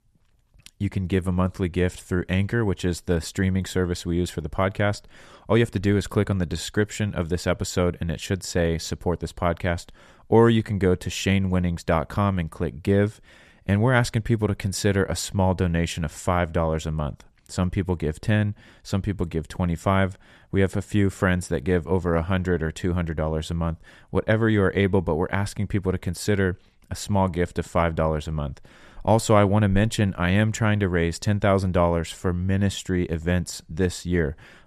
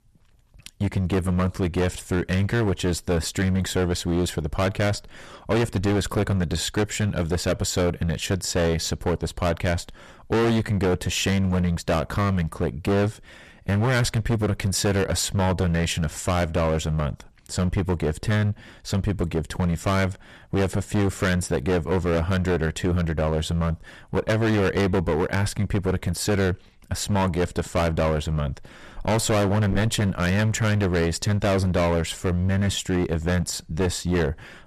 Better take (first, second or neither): first